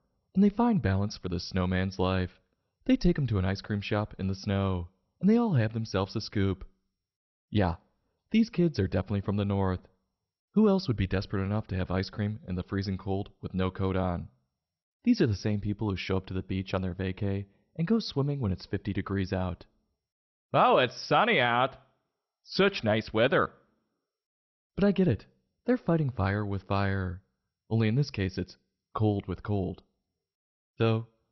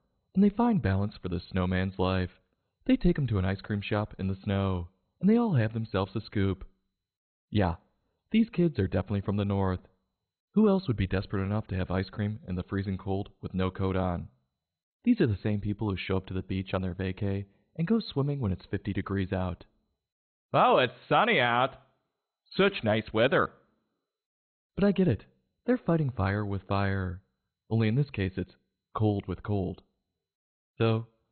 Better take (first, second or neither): first